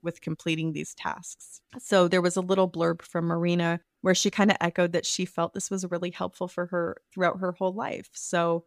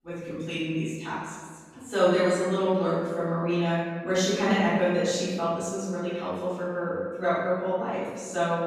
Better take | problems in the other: first | off-mic speech; far // room echo; strong; dies away in 1.5 s

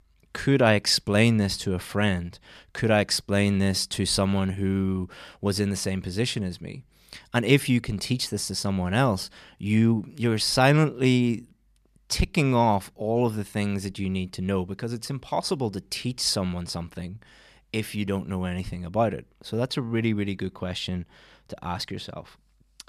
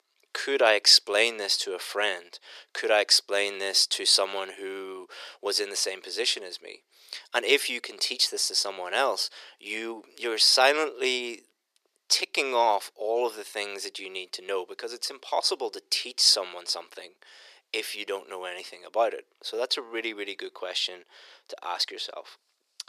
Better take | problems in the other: first | thin; very; fading below 400 Hz

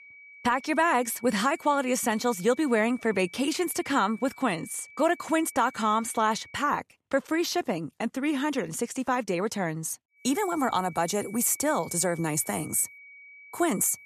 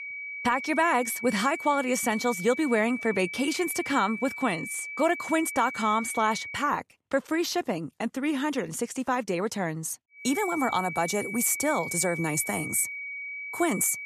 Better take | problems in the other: first | high-pitched whine; loud; until 6.5 s and from 10 s on; 2.5 kHz, 8 dB below the speech; faint in the first

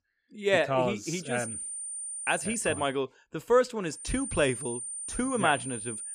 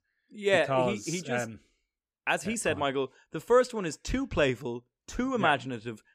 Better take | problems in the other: second | high-pitched whine; loud; from 1.5 to 3 s and from 4 s on; 9 kHz, 7 dB below the speech

